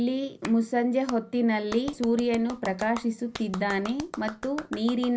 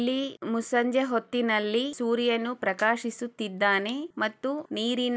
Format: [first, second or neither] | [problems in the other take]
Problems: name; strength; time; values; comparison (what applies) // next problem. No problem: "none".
second | background sound (Clapping); 15 dB below the speech // room echo; dies away in 0.5 s